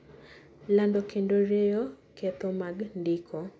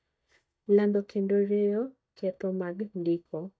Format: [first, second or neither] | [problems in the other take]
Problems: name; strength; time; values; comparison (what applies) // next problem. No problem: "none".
first | noise reduction (neural mask model DeepFilterNet 3)